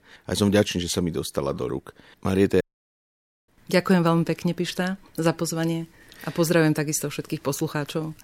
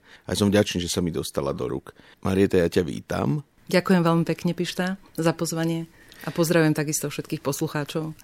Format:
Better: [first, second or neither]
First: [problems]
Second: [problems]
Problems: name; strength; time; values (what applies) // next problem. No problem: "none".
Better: second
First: audio cutting out; at 2.5 s for 1 s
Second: none